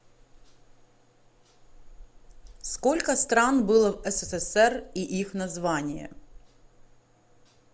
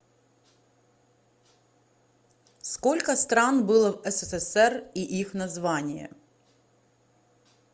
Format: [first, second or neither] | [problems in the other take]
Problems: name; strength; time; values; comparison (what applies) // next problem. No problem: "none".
second | background sound (Rain); 19 dB below the speech